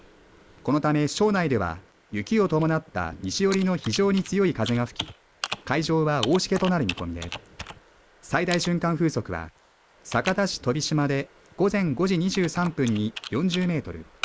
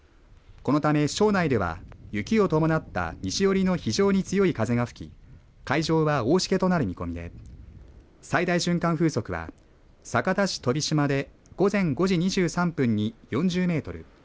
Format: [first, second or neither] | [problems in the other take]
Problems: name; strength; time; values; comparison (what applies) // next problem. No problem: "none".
second | noise reduction (neural mask model Resemble Enhance denoiser)